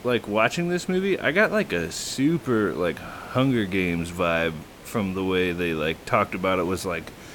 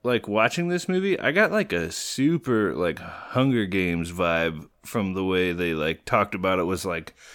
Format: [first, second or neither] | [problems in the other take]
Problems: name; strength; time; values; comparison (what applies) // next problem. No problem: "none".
second | hiss; noticeable; throughout; 20 dB below the speech